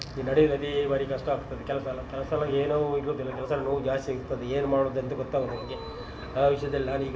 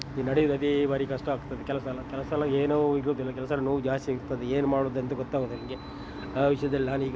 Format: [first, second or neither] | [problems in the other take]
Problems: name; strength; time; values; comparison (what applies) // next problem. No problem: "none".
second | background sound (Dog); 13 dB below the speech // room echo; dies away in 1.7 s